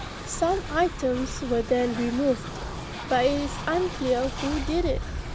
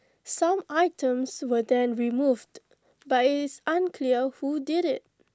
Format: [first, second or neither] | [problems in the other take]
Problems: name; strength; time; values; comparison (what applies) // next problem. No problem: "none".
second | background sound (Train); 6 dB below the speech